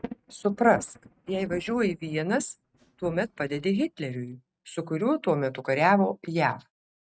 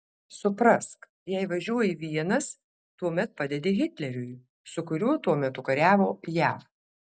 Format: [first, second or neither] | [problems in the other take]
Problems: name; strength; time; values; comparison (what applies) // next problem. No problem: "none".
second | noise reduction (neural mask model RNNoise)